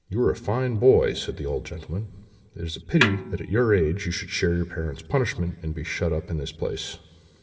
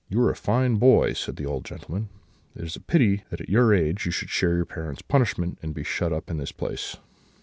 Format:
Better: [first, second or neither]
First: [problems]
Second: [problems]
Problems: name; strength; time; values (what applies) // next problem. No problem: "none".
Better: second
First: background sound (Snare drum); 6 dB below the speech // room echo; dies away in 2 s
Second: none